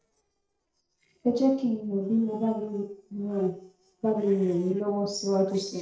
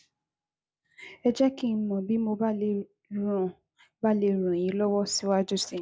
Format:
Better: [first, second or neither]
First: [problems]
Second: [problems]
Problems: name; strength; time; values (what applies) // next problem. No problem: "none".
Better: second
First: noise reduction (neural separator model SepFormer DNS4)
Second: none